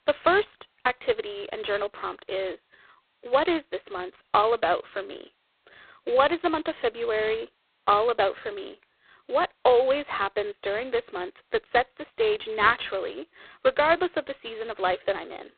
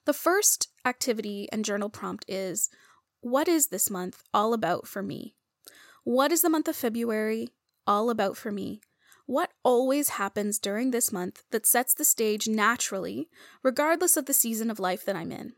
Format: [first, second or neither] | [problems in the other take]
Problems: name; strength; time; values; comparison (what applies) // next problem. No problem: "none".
second | phone-call audio; poor line; nothing above 4 kHz